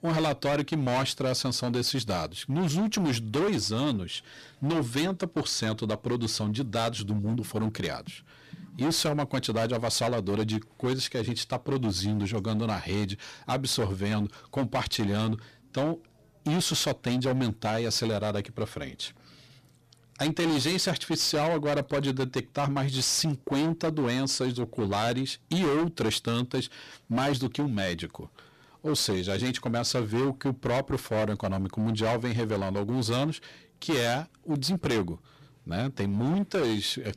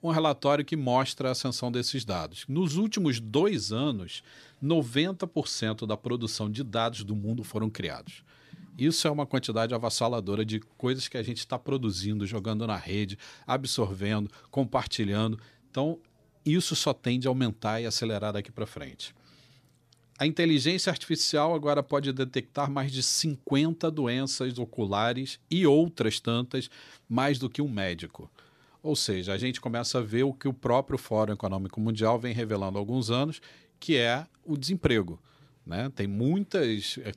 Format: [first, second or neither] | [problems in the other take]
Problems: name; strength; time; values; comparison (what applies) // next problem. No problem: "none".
second | distortion; heavy; 17% of the sound clipped